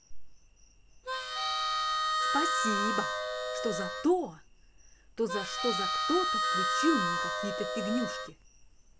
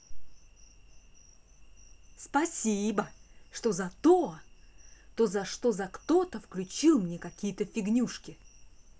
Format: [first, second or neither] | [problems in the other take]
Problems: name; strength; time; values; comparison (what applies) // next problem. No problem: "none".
second | background sound (Harmonica); 4 dB above the speech